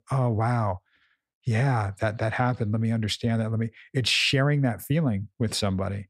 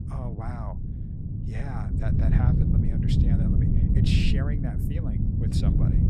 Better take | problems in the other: first | wind noise on the microphone; heavy; 3 dB above the speech

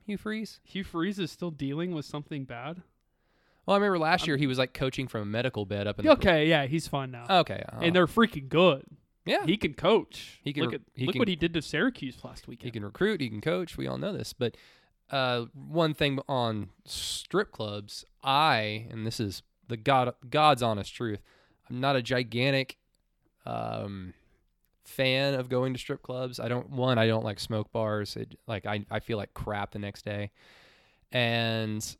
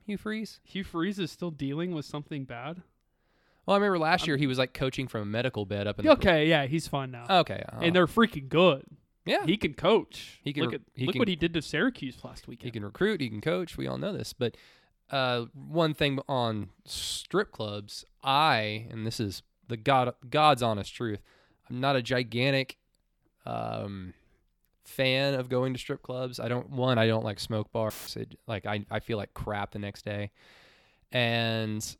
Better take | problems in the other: first | audio cutting out; filled with static; at 28 s

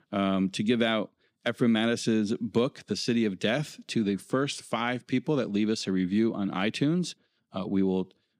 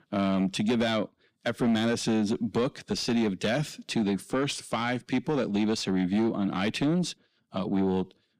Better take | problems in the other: first | distortion; slight; 10 dB below the speech

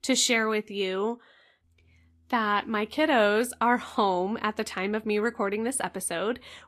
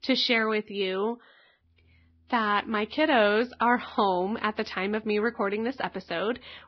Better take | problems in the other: first | garbled, watery; badly; slightly in the first

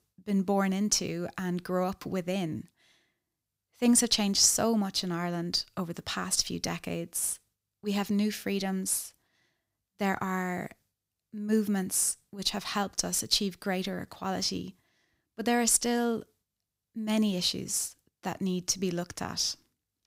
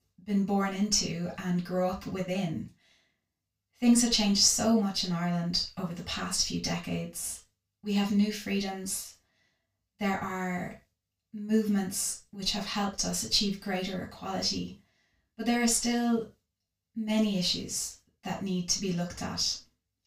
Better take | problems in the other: first | room echo; noticeable; dies away in 0.2 s // off-mic speech; far

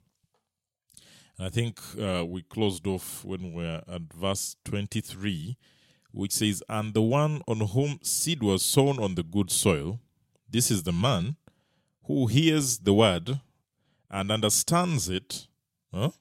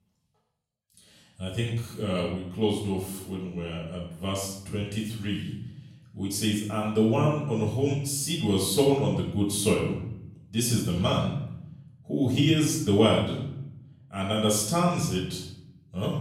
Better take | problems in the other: first | off-mic speech; far // room echo; noticeable; dies away in 0.7 s

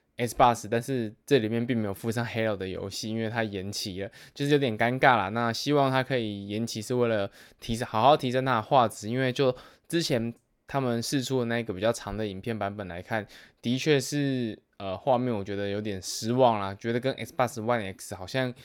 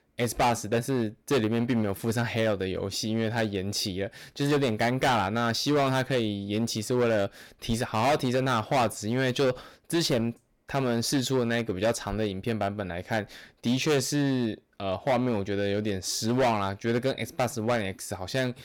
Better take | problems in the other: first | distortion; heavy; 10% of the sound clipped

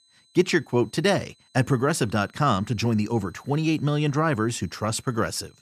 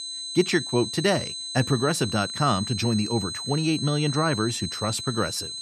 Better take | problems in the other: first | high-pitched whine; loud; throughout; 4 kHz, 6 dB below the speech; faint in the first

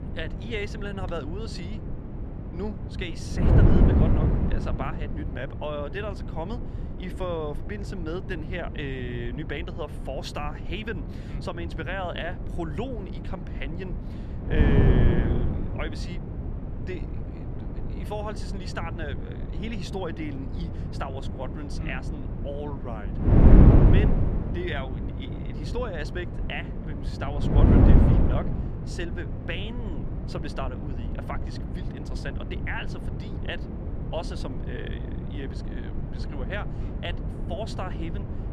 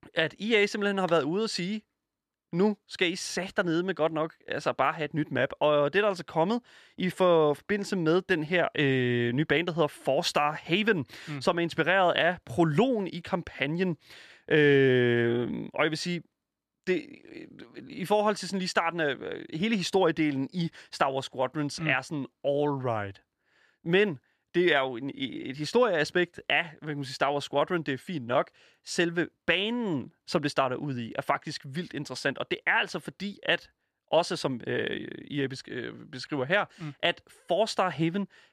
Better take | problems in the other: second | wind noise on the microphone; heavy; 1 dB below the speech

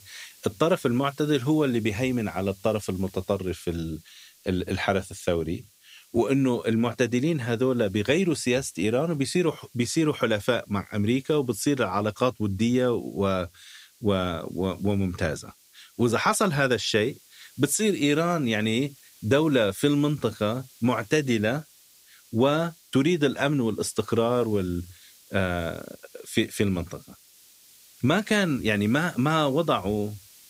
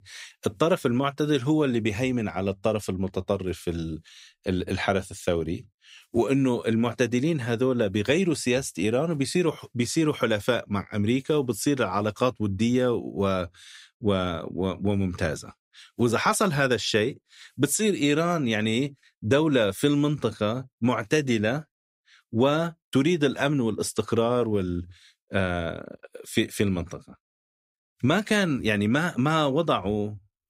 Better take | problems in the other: second | hiss; faint; throughout; 25 dB below the speech

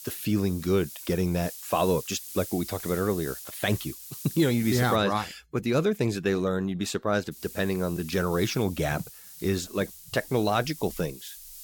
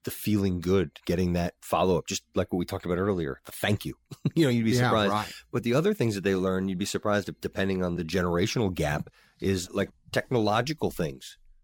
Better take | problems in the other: second | hiss; noticeable; until 5 s and from 7.5 s on; 15 dB below the speech

